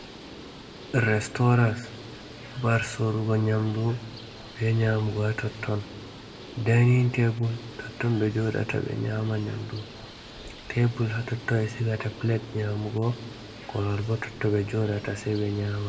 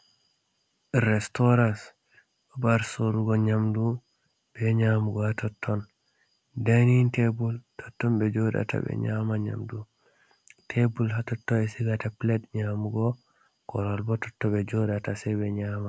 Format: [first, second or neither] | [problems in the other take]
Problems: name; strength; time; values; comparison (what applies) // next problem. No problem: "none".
second | background sound (Bird); 16 dB below the speech // room echo; dies away in 0.9 s